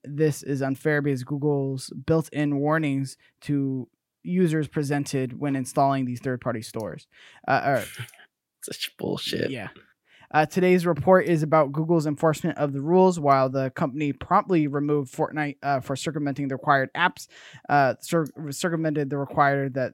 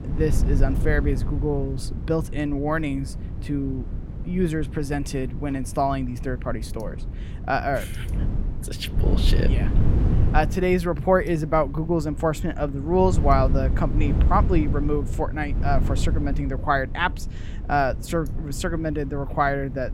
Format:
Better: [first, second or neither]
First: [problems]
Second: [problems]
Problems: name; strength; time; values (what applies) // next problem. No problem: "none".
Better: first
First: none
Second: wind noise on the microphone; occasional gusts; 15 dB below the speech